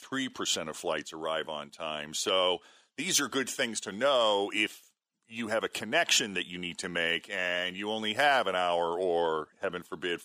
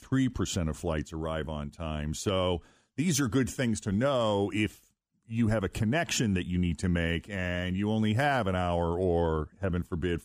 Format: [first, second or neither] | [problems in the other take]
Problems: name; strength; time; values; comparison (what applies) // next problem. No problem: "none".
second | thin; somewhat; fading below 500 Hz